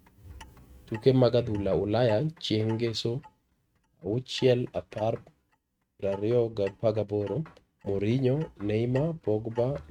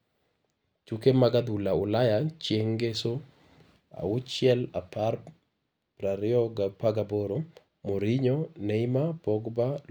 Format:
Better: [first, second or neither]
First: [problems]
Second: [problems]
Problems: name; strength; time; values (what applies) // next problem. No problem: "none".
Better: second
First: noise reduction (neural mask model RNNoise)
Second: none